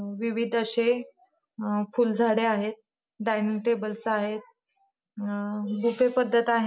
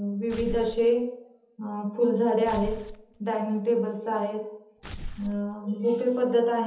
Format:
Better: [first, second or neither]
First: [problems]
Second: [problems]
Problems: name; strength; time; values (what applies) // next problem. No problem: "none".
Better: first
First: none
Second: background sound (Tearing); 12 dB below the speech // room echo; dies away in 0.8 s